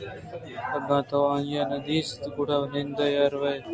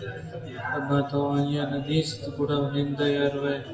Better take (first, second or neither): first